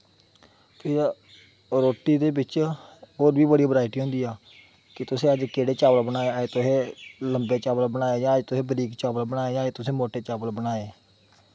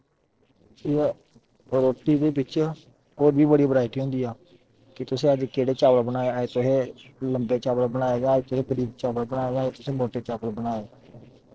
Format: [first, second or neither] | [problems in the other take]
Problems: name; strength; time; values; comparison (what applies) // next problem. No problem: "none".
first | noise reduction (neural separator model SepFormer DNS4)